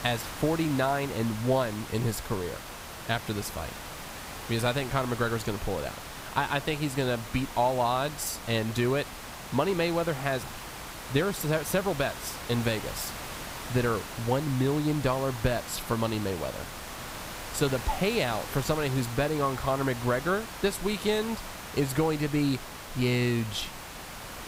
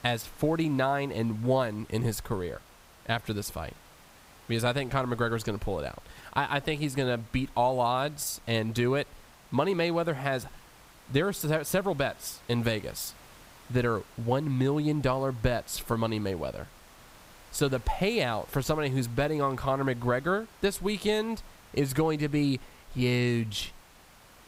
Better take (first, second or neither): second